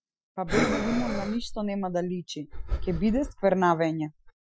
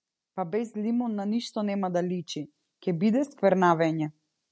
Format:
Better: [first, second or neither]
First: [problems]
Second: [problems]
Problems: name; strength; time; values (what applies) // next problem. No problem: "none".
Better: second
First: noise reduction (classical method Wiener filter)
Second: none